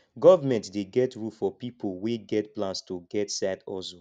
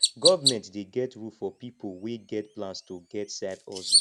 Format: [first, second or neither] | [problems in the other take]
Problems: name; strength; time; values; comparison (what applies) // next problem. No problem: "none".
first | background sound (Chirp, tweet); 1 dB above the speech